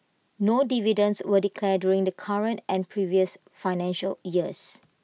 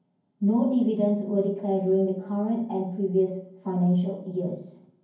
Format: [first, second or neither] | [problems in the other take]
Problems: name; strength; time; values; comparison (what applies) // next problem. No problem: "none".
first | room echo; dies away in 0.9 s